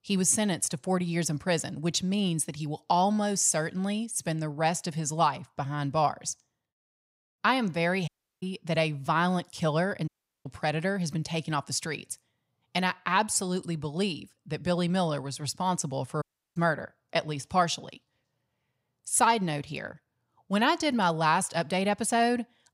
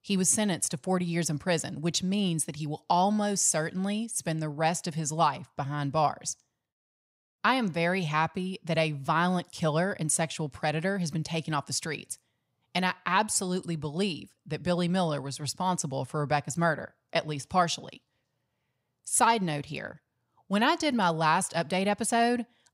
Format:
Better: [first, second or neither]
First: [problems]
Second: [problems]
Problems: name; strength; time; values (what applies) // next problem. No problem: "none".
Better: second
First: audio cutting out; at 8 s, at 10 s and at 16 s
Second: none